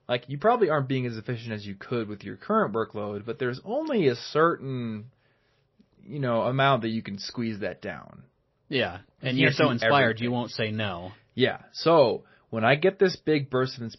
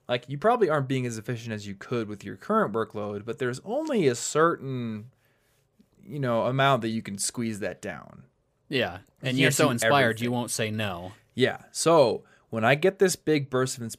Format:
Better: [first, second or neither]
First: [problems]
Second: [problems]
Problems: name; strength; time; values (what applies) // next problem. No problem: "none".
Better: second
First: garbled, watery; slightly; nothing above 5.5 kHz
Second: none